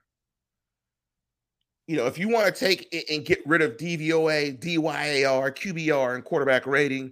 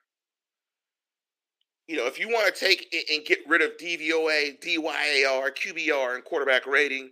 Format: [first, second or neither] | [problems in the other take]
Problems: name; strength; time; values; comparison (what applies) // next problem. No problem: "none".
first | thin; somewhat; fading below 350 Hz